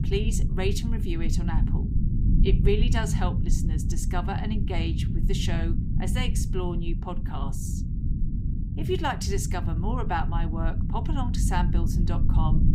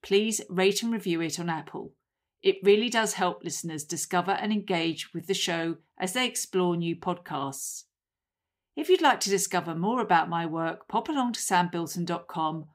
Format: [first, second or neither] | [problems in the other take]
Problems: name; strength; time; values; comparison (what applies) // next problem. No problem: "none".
second | low rumble; loud; throughout; 7 dB below the speech